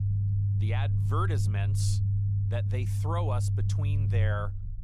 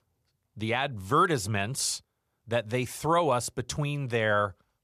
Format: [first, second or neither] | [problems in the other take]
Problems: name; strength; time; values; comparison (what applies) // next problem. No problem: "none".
second | low rumble; loud; throughout; 5 dB below the speech